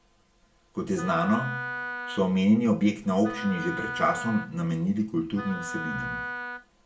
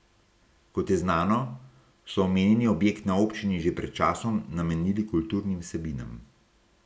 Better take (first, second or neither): second